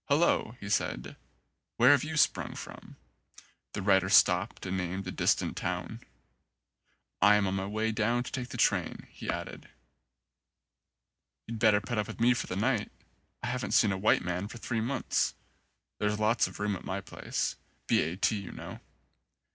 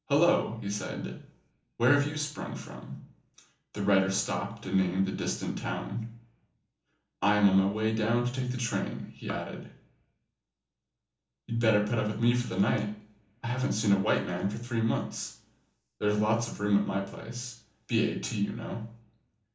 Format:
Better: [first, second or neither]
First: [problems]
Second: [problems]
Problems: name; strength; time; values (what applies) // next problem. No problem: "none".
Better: first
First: none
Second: room echo; dies away in 1.2 s